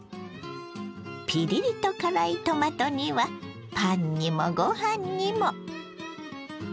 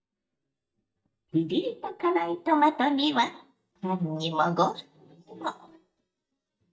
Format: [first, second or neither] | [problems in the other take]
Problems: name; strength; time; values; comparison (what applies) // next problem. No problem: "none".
first | noise reduction (neural mask model DeepFilterNet 3)